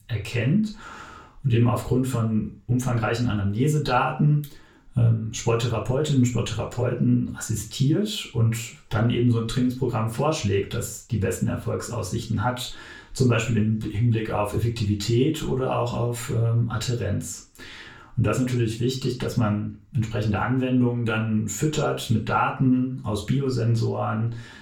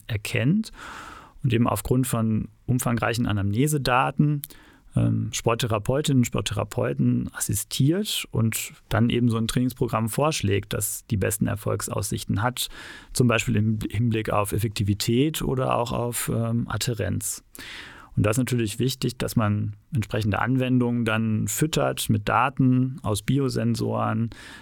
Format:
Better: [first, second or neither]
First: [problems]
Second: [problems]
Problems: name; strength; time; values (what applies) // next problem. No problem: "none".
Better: second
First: room echo; slight; dies away in 0.3 s // off-mic speech; far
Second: none